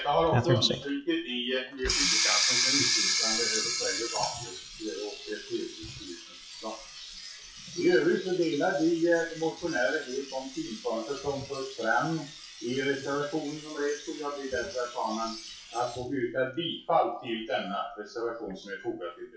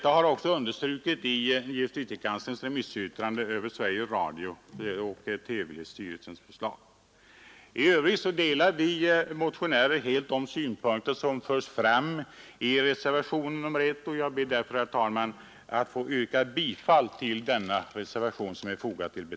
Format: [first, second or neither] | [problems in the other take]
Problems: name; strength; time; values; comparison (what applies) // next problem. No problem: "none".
second | noise reduction (classical method WPE with log-MMSE)